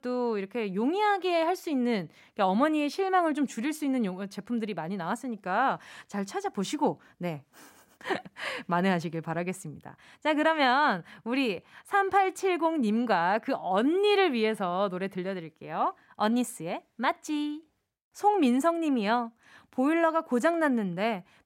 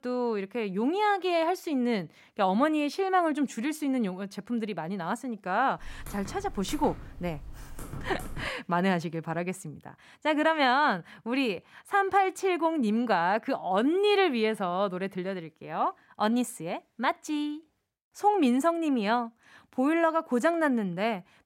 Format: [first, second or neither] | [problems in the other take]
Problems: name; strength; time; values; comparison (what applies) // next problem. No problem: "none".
first | keyboard typing; faint; from 6 to 8.5 s; peak 15 dB below the speech